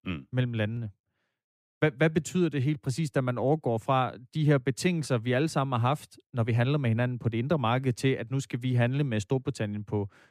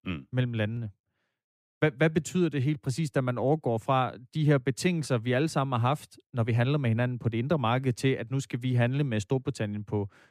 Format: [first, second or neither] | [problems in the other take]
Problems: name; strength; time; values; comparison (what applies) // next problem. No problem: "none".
neither | none